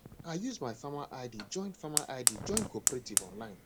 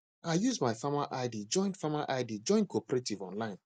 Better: second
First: background sound (Fire); 3 dB above the speech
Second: none

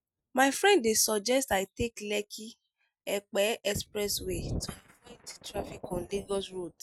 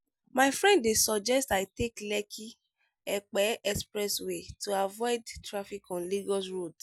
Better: second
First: noise reduction (neural mask model RNNoise)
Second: none

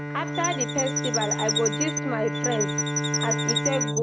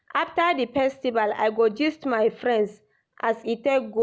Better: second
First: background sound (Chirp, tweet + Bowed string instrument); 3 dB above the speech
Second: none

